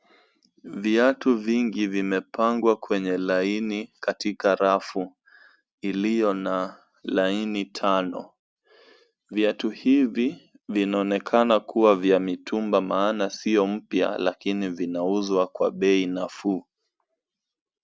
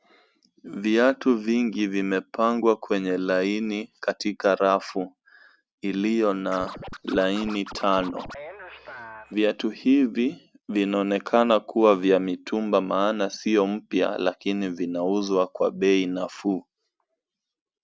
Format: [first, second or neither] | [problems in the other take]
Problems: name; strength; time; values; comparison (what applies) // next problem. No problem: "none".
first | background sound (Scratching (performance technique)); 16 dB below the speech